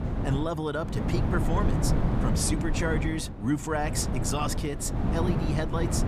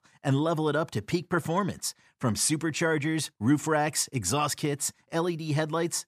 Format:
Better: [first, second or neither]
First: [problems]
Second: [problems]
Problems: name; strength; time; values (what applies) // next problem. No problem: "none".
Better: second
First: wind noise on the microphone; heavy; 4 dB below the speech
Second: none